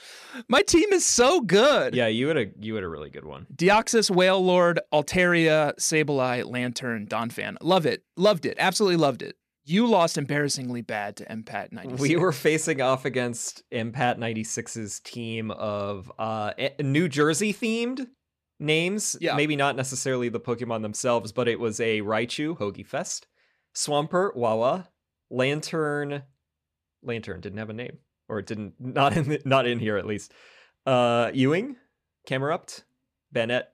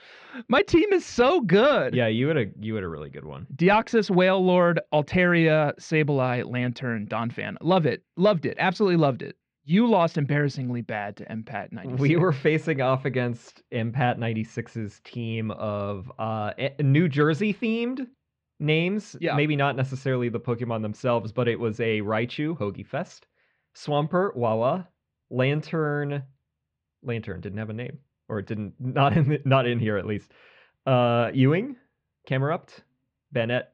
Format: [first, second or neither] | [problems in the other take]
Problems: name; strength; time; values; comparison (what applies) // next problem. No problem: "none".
first | muffled; slightly; fading above 3.5 kHz